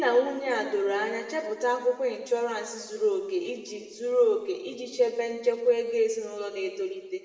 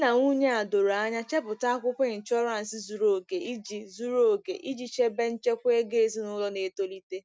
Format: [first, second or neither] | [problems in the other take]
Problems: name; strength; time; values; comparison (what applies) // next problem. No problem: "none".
second | room echo; dies away in 1.7 s